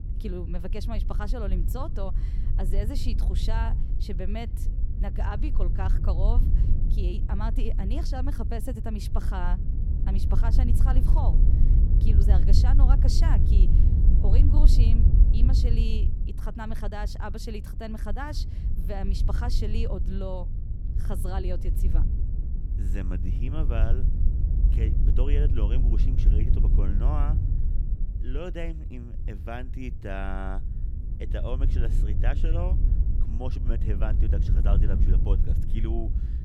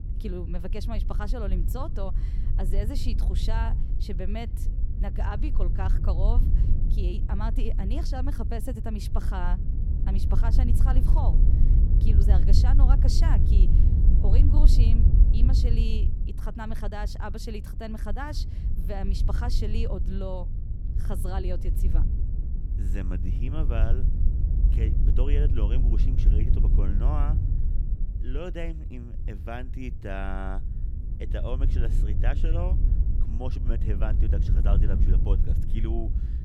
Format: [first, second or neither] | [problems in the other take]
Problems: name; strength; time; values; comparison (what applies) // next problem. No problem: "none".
neither | wind noise on the microphone; heavy; 5 dB below the speech; the same in both